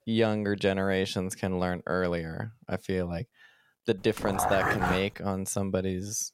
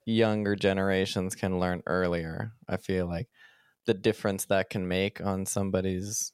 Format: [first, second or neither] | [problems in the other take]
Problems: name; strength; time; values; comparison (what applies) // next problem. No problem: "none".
second | dog barking; loud; at 4 s; peak 2 dB above the speech